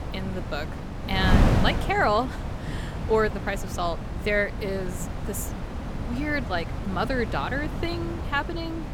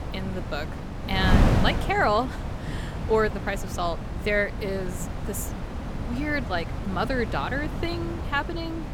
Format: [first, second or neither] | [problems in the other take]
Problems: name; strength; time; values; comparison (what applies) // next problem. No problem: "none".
neither | wind noise on the microphone; heavy; 8 dB below the speech; the same in both